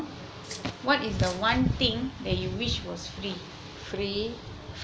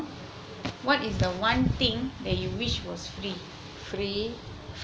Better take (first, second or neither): second